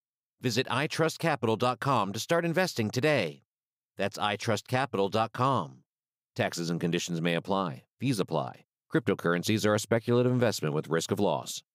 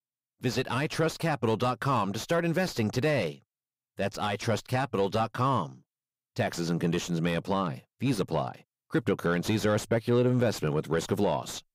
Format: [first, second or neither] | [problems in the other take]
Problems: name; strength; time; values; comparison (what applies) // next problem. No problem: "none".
first | distortion; slight; 10 dB below the speech